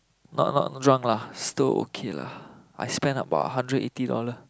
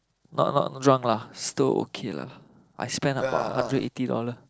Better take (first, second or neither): first